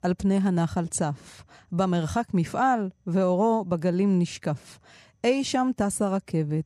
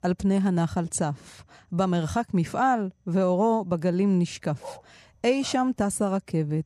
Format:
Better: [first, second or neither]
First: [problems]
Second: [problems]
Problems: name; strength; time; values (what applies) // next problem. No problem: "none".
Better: first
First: none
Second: dog barking; faint; at 4.5 s; peak 15 dB below the speech